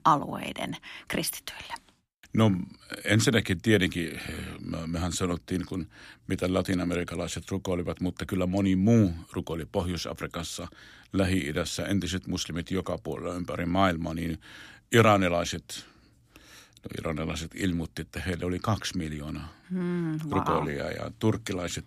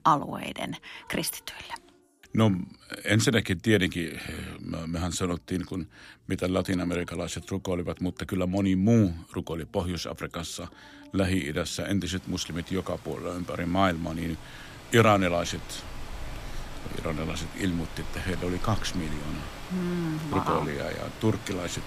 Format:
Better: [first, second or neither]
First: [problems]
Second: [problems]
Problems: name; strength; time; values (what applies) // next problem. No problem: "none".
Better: first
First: none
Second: rain or running water; noticeable; throughout; 15 dB below the speech